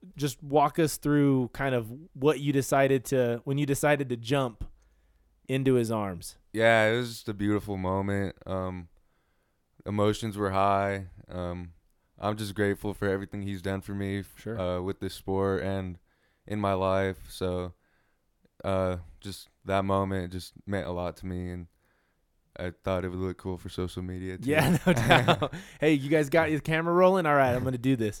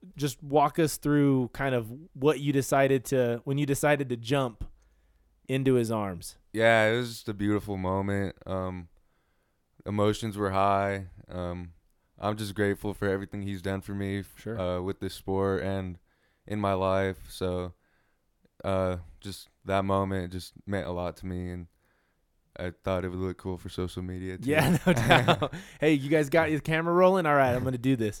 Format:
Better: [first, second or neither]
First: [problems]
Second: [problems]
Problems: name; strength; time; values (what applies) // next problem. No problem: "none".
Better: neither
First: none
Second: none